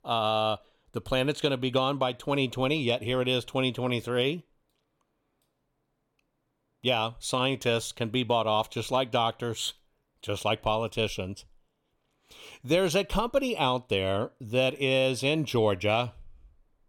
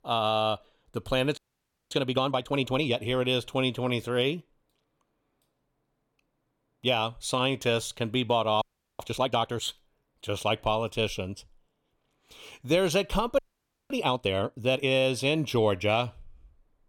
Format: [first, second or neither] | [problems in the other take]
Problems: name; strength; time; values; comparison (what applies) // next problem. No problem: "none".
first | audio freezing; at 1.5 s for 0.5 s, at 8.5 s and at 13 s for 0.5 s